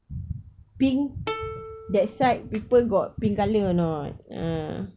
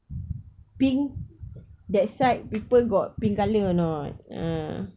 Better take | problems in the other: second | background sound (Plucked string instrument); 14 dB below the speech

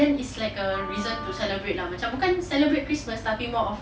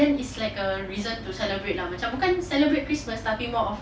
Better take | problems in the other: second | background sound (Wind instrument, woodwind instrument); 12 dB below the speech

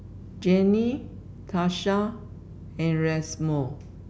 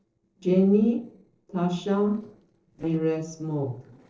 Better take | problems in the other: first | noise reduction (neural separator model SepFormer DNS4)

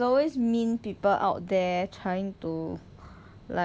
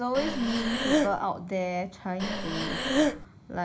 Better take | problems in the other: first | background sound (Breathing); 3 dB above the speech // room echo; dies away in 0.4 s

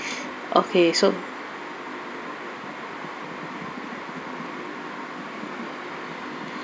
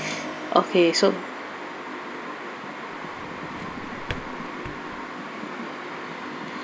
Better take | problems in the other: first | background sound (Keyboard (musical) + Drawer open or close); 15 dB below the speech

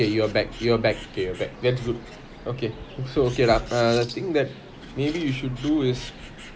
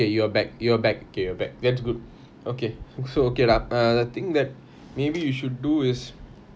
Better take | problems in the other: second | background sound (Bird); 16 dB below the speech

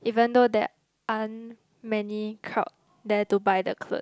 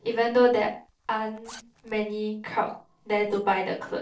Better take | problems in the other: first | noise reduction (neural separator model SepFormer DNS4)

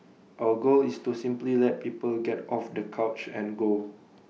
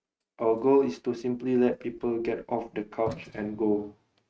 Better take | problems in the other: first | noise reduction (neural mask model RNNoise)

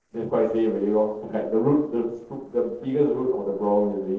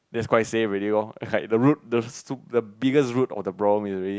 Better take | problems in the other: second | noise reduction (neural separator model SepFormer DNS4)

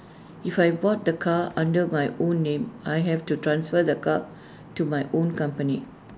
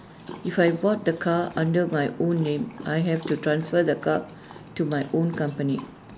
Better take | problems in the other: first | background sound (Dog); 20 dB below the speech

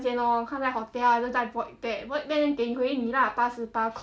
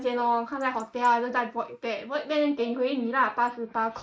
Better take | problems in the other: first | noise reduction (neural mask model Resemble Enhance denoiser)

